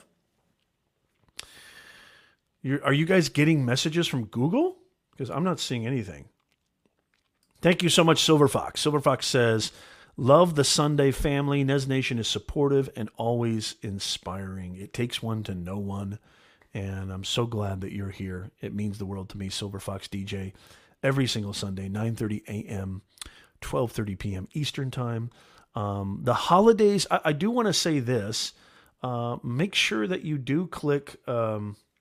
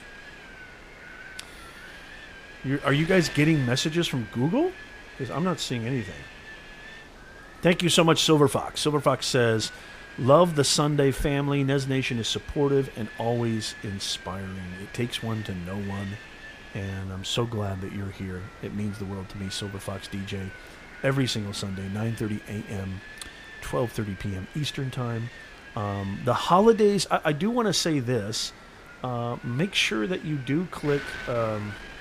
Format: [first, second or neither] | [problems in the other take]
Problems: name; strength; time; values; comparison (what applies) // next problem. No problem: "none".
first | wind noise on the microphone; occasional gusts; 15 dB below the speech